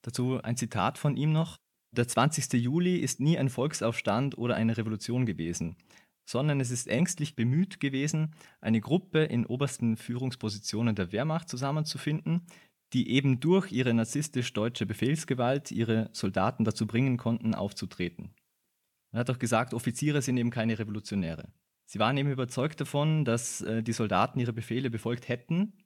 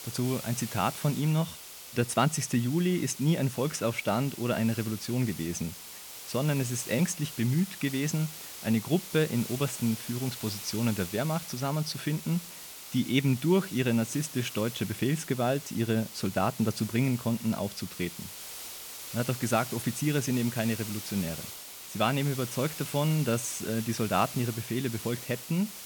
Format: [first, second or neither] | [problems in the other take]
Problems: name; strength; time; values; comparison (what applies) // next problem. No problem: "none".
first | hiss; loud; throughout; 10 dB below the speech